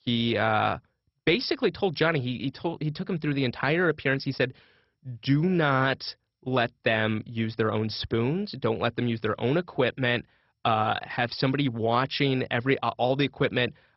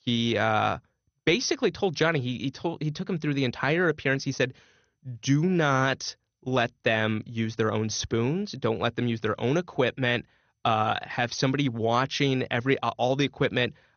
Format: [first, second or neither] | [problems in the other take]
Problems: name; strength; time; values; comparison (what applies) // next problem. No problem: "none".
second | garbled, watery; badly; nothing above 5.5 kHz; slightly in the second